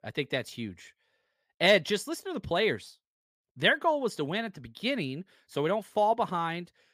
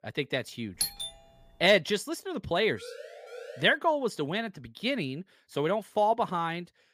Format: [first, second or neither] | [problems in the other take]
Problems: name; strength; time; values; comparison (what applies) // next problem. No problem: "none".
first | doorbell; noticeable; at 1 s; peak 2 dB below the speech // siren; faint; at 3 s; peak 15 dB below the speech